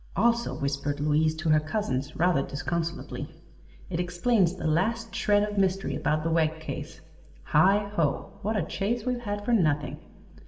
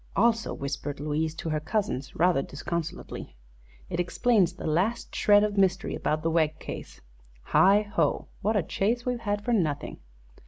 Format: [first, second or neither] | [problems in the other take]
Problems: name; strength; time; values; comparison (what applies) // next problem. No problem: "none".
second | room echo; dies away in 1.9 s